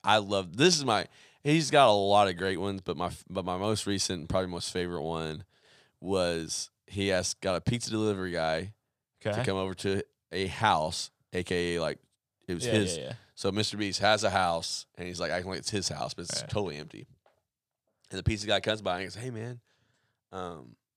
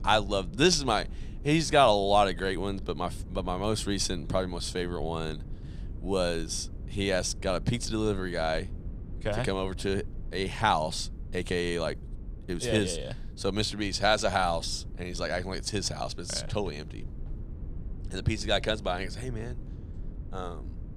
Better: first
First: none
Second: low rumble; faint; throughout; 25 dB below the speech

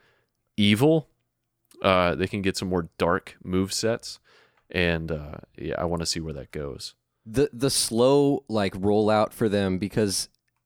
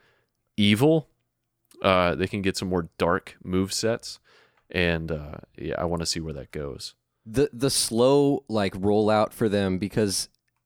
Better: neither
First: none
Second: none

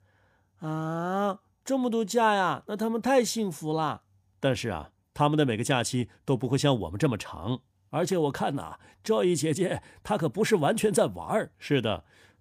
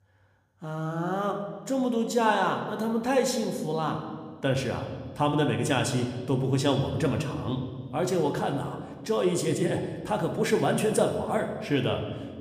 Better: first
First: none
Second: room echo; slight; dies away in 1.5 s

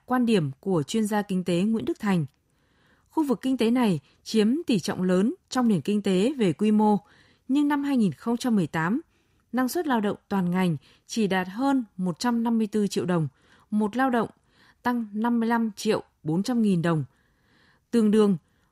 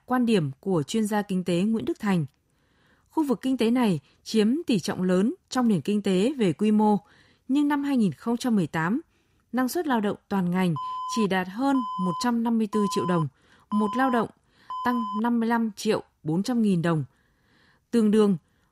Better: first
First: none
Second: alarm; noticeable; from 11 to 15 s; peak 6 dB below the speech

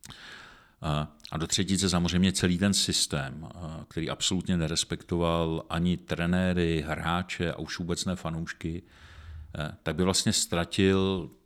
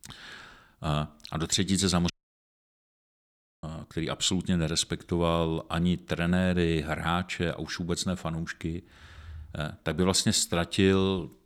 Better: first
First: none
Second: audio cutting out; at 2 s for 1.5 s

